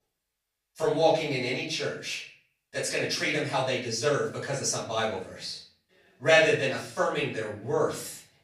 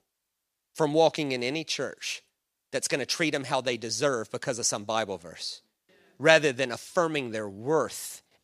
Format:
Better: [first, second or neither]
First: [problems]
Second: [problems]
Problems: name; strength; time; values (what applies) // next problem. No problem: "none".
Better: second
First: off-mic speech; far // room echo; noticeable; dies away in 0.5 s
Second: none